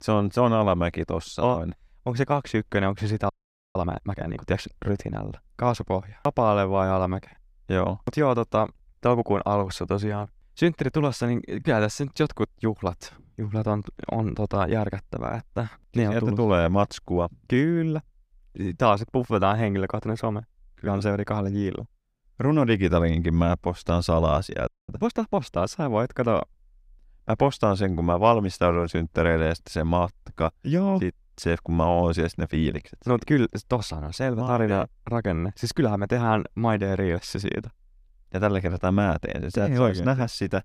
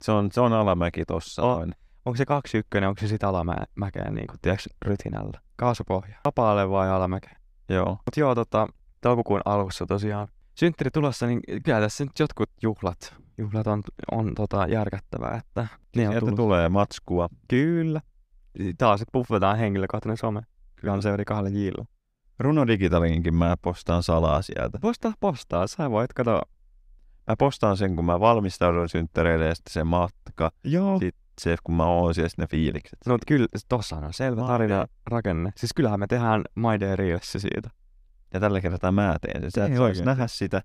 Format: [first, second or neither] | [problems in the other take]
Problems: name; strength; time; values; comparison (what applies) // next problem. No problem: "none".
second | audio freezing; at 3.5 s and at 25 s